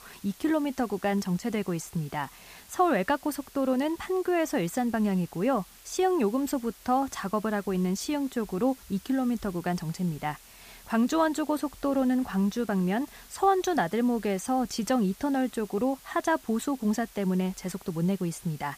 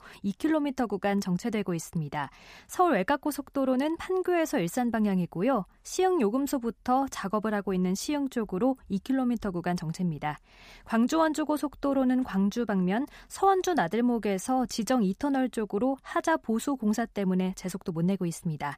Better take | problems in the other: second | hiss; faint; throughout; 20 dB below the speech

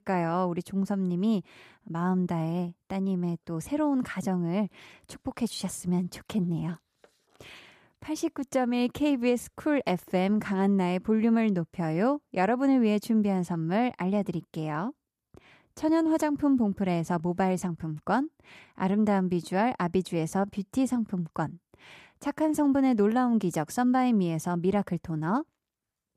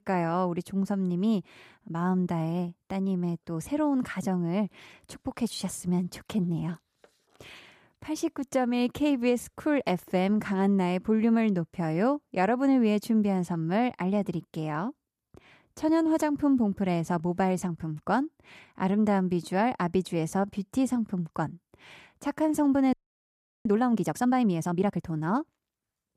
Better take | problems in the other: first | audio freezing; at 23 s for 0.5 s

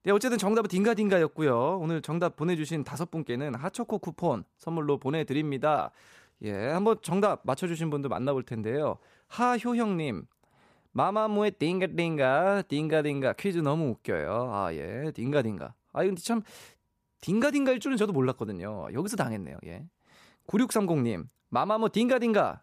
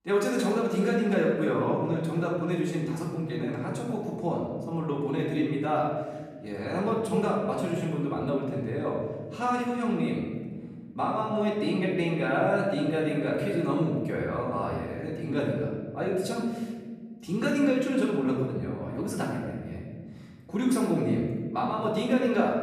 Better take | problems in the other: first | off-mic speech; far // room echo; noticeable; dies away in 1.7 s

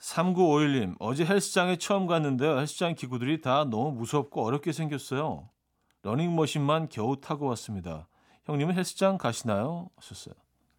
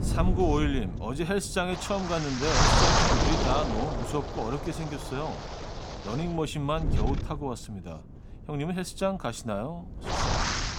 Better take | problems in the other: first | wind noise on the microphone; heavy; 3 dB above the speech

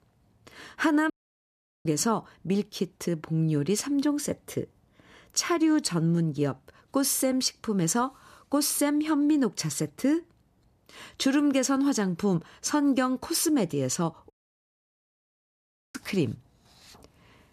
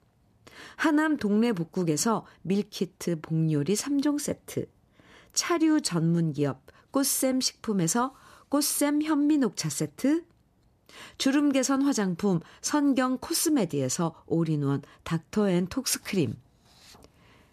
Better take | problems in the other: second | audio cutting out; at 1 s for 1 s and at 14 s for 1.5 s

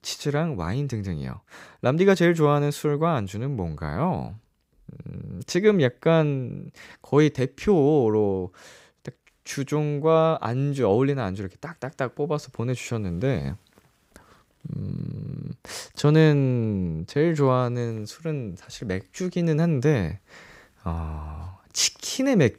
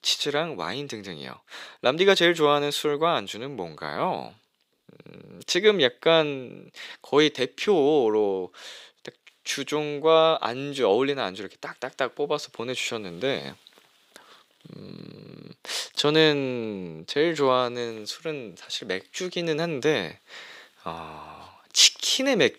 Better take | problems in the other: first | thin; somewhat; fading below 350 Hz

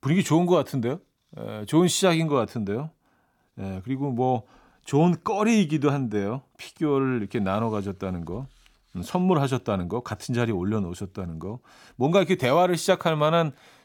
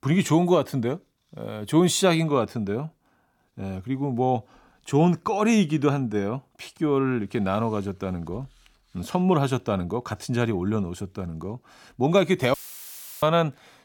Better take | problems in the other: first | audio cutting out; filled with static; at 13 s for 0.5 s

